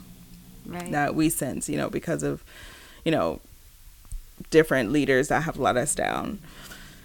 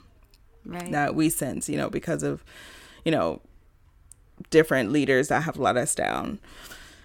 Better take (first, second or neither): second